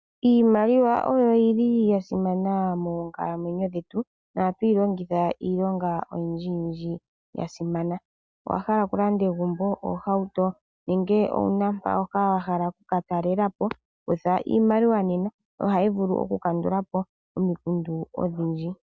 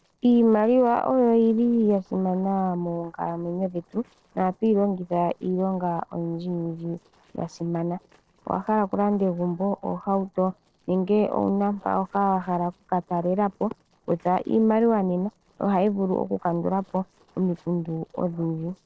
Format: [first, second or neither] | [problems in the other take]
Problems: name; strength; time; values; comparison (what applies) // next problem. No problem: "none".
first | noise reduction (neural separator model SepFormer DNS4)